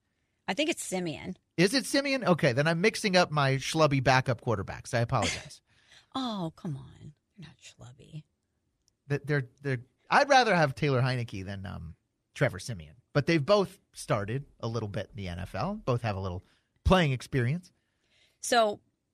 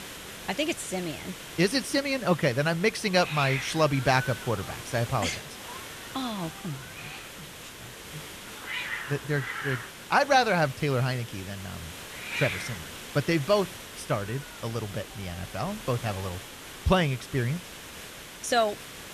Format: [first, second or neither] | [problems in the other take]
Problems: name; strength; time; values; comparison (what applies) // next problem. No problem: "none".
first | hiss; loud; throughout; 10 dB below the speech